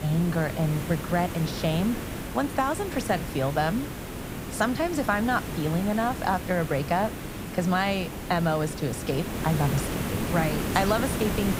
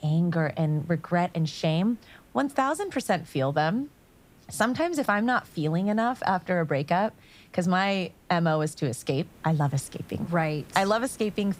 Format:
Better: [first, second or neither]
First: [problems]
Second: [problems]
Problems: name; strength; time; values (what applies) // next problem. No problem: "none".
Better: second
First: hiss; loud; throughout; 6 dB below the speech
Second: hiss; faint; throughout; 30 dB below the speech